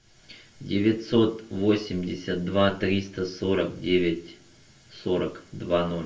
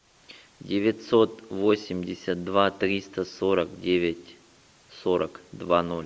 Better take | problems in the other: second | room echo; dies away in 0.2 s

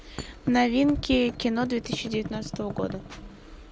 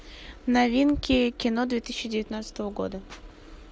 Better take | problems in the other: second | background sound (Thump, thud); 11 dB below the speech

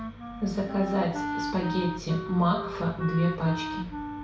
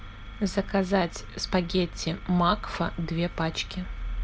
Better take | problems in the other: second | background sound (Wind instrument, woodwind instrument); 7 dB below the speech // room echo; dies away in 0.6 s

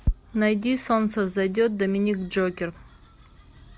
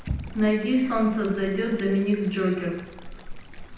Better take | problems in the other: first | background sound (Stream); 15 dB below the speech // room echo; dies away in 0.9 s

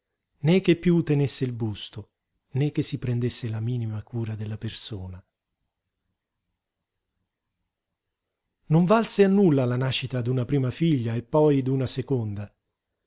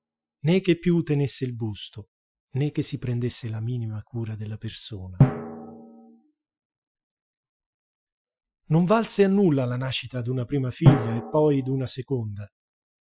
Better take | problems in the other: first | noise reduction (classical method Wiener filter)

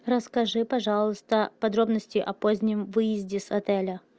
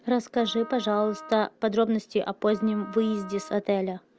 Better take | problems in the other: first | background sound (Wind instrument, woodwind instrument); 18 dB below the speech

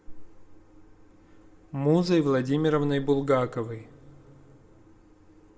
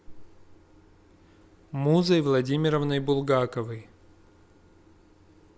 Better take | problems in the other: second | room echo; dies away in 1.5 s

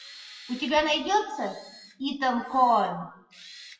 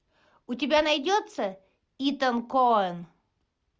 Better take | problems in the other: second | noise reduction (classical method WPE with log-MMSE)

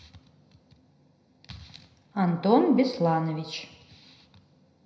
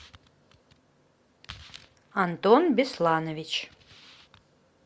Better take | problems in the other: second | room echo; dies away in 0.7 s

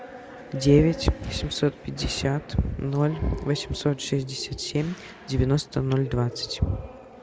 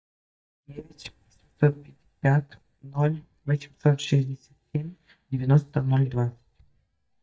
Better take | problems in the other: first | noise reduction (neural mask model DeepFilterNet 3)

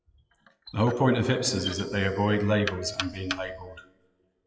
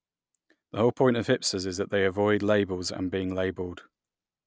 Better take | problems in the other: second | noise reduction (classical method WPE with log-MMSE)

